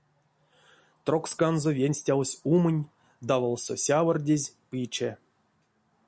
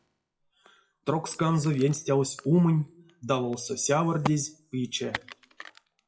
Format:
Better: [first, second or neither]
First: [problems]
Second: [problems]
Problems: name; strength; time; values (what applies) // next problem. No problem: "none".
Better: first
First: none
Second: noise reduction (classical method WPE with log-MMSE)